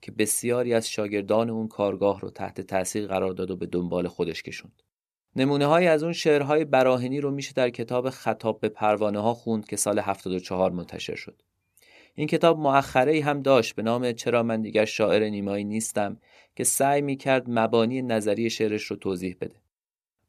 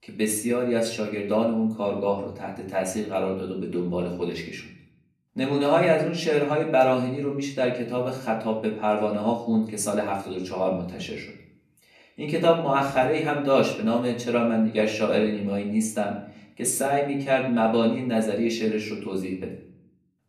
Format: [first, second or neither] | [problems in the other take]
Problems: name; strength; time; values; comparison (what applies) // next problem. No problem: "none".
first | off-mic speech; far // room echo; slight; dies away in 0.6 s